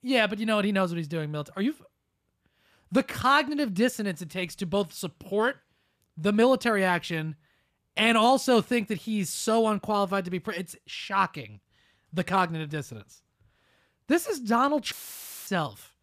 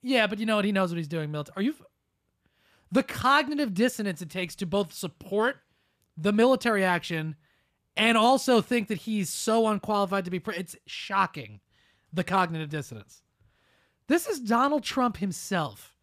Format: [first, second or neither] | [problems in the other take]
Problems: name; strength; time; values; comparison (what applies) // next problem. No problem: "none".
second | audio cutting out; filled with static; at 15 s for 0.5 s